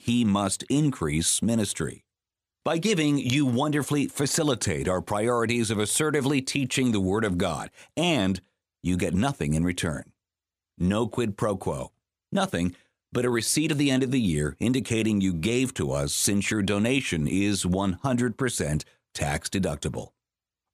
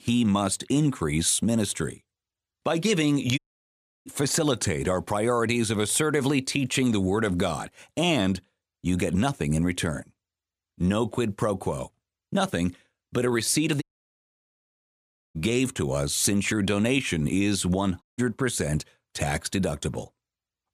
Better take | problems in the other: first | audio cutting out; at 3.5 s for 0.5 s, at 14 s for 1.5 s and at 18 s

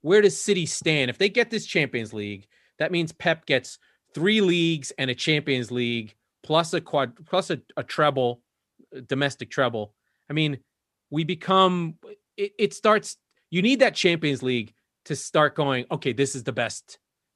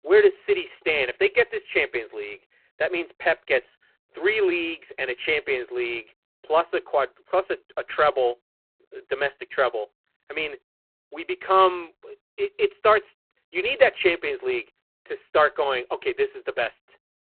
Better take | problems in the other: first | phone-call audio; poor line

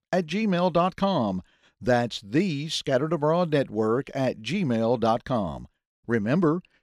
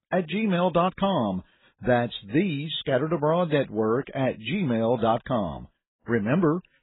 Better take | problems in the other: first | garbled, watery; badly; nothing above 4 kHz

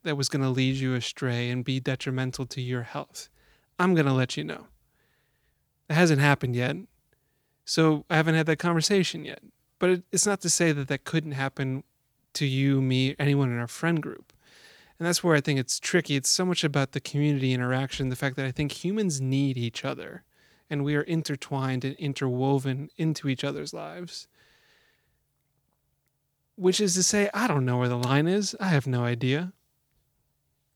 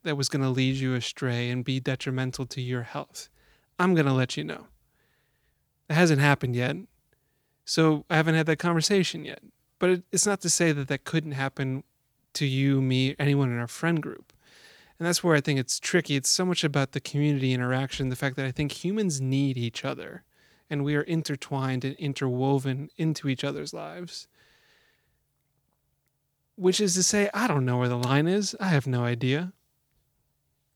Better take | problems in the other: neither | none

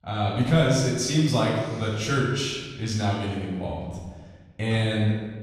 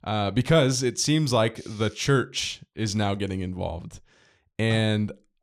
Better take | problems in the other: second | off-mic speech; far // room echo; noticeable; dies away in 1.2 s

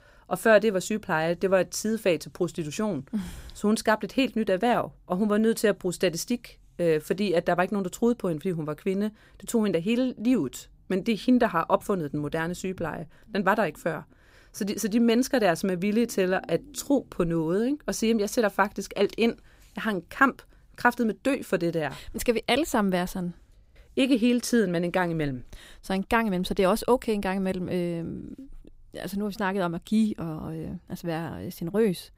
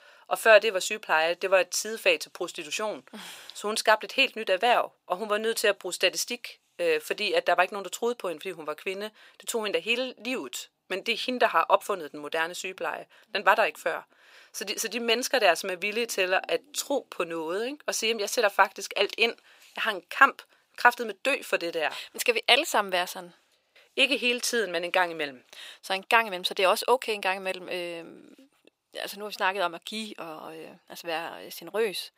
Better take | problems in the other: first | thin; very; fading below 650 Hz

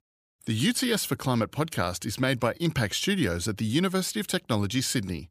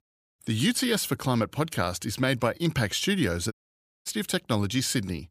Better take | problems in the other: first | audio cutting out; at 3.5 s for 0.5 s

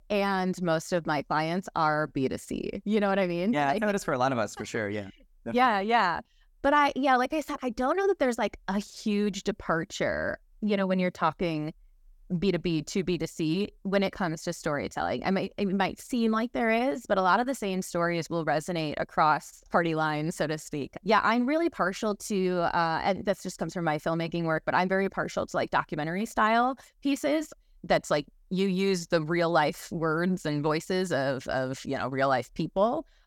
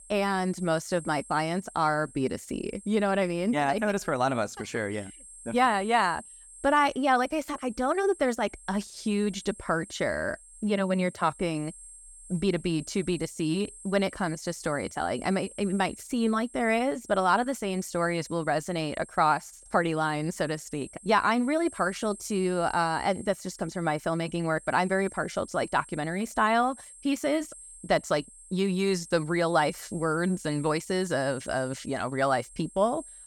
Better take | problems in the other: first | high-pitched whine; noticeable; throughout; 8.5 kHz, 20 dB below the speech

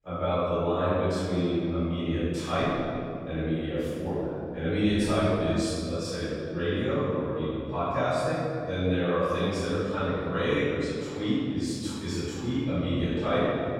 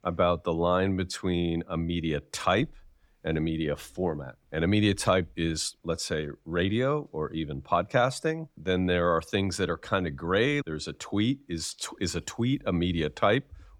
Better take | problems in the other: second | off-mic speech; far // room echo; strong; dies away in 2.4 s

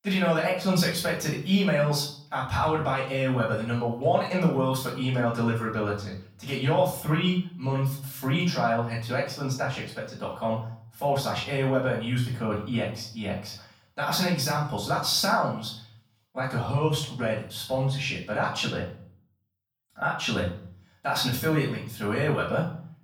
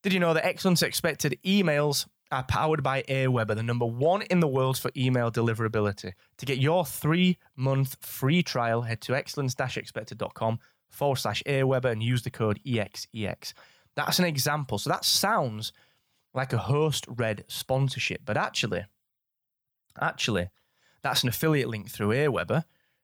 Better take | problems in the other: second | off-mic speech; far // room echo; slight; dies away in 0.5 s

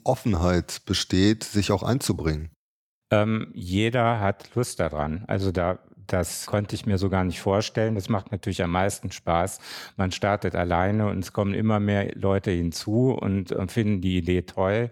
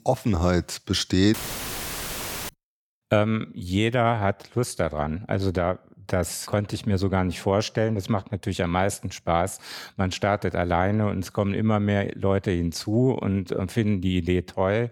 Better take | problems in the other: first | audio cutting out; filled with static; at 1.5 s for 1 s

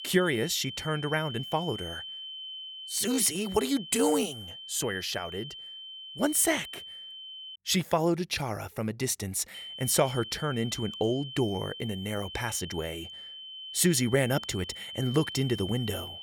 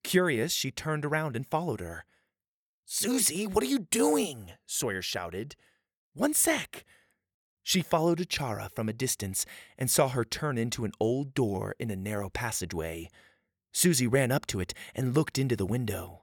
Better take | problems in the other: second | high-pitched whine; noticeable; until 7.5 s and from 9.5 s on; 3 kHz, 10 dB below the speech

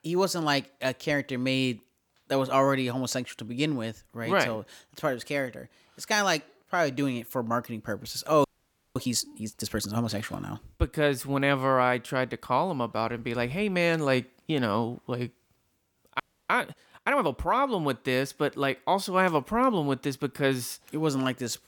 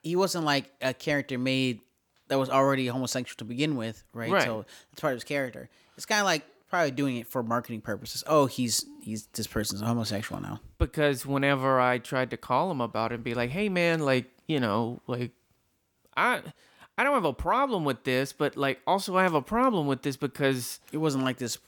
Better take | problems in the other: second | audio freezing; at 8.5 s for 0.5 s and at 16 s

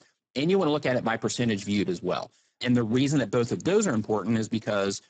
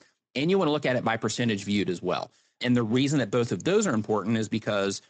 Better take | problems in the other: second | garbled, watery; badly; nothing above 7.5 kHz; slightly in the second

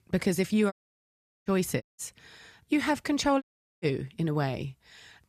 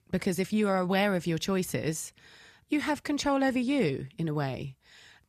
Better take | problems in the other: second | audio cutting out; at 0.5 s for 0.5 s, at 2 s and at 3.5 s

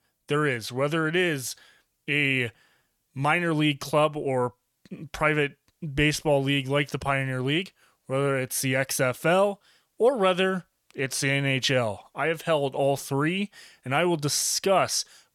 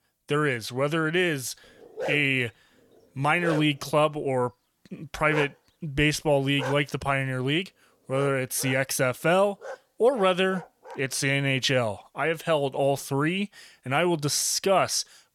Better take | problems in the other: first | dog barking; noticeable; from 2 to 11 s; peak 8 dB below the speech

